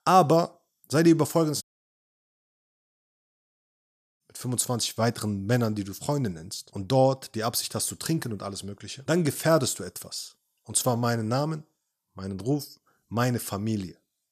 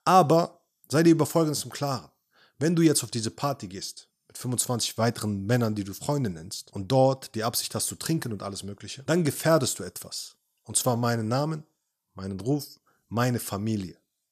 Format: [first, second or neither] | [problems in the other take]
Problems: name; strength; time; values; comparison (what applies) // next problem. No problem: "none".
second | audio cutting out; at 1.5 s for 2.5 s